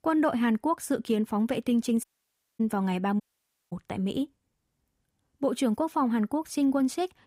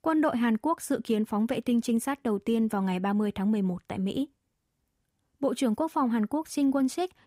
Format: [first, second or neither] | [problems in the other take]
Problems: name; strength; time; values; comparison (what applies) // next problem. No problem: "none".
second | audio cutting out; at 2 s for 0.5 s and at 3 s for 0.5 s